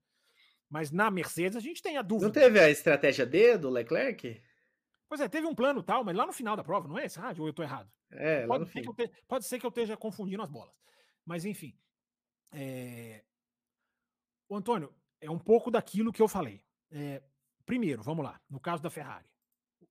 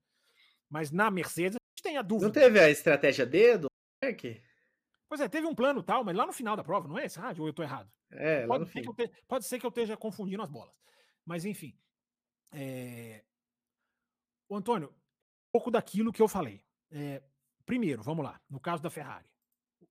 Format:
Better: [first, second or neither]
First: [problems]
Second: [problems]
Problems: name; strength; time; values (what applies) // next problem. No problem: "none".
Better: first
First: none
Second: audio cutting out; at 1.5 s, at 3.5 s and at 15 s